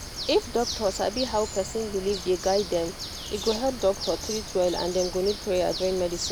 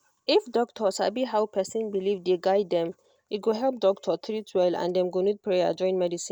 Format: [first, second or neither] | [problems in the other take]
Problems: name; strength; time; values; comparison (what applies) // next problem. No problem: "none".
second | background sound (Bird); 8 dB below the speech